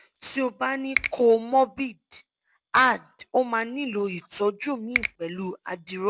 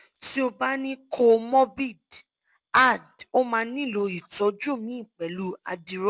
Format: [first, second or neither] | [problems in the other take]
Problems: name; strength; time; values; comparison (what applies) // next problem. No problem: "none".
second | background sound (Finger snapping); 7 dB below the speech